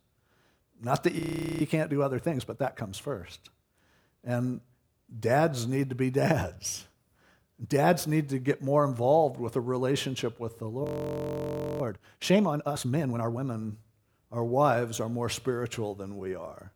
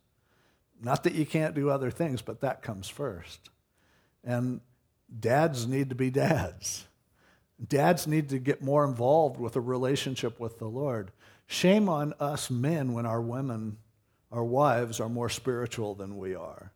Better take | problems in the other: second | audio freezing; at 1 s and at 11 s for 1 s

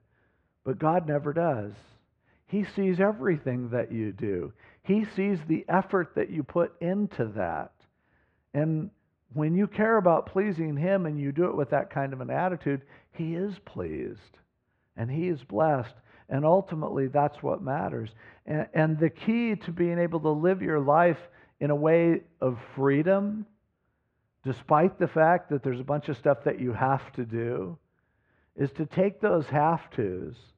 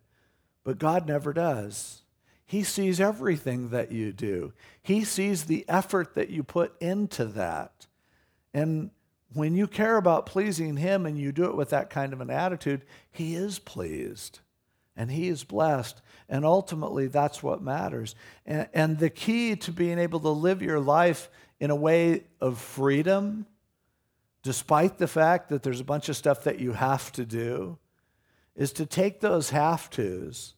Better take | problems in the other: second | muffled; very; fading above 2 kHz

